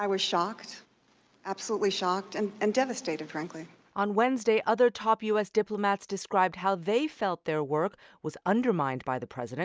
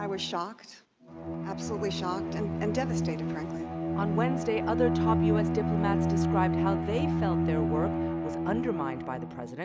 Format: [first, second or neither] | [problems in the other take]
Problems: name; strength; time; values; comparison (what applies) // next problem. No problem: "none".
first | background sound (Bowed string instrument); 4 dB above the speech